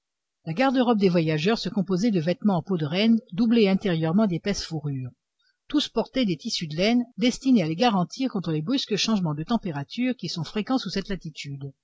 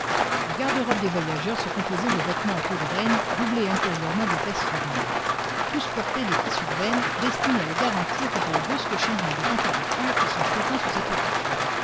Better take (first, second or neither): first